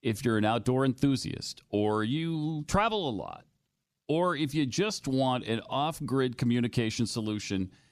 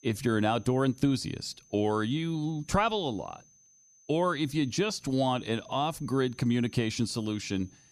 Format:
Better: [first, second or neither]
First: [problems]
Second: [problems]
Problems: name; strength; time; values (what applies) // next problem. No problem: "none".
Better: first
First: none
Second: high-pitched whine; faint; throughout; 6 kHz, 30 dB below the speech